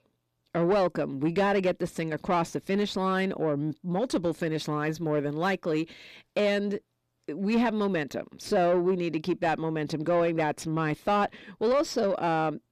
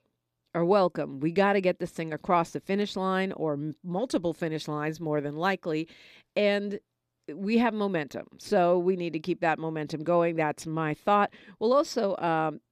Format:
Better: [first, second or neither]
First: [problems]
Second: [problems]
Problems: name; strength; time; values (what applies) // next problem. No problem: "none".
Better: second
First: distortion; slight; 10 dB below the speech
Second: none